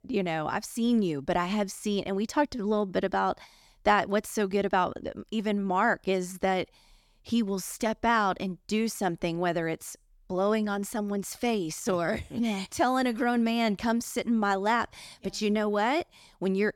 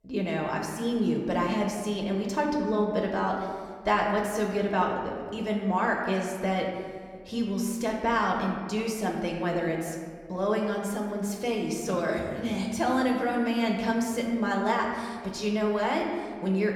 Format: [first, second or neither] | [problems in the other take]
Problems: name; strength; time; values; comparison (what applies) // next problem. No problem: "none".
first | room echo; noticeable; dies away in 1.6 s // off-mic speech; somewhat distant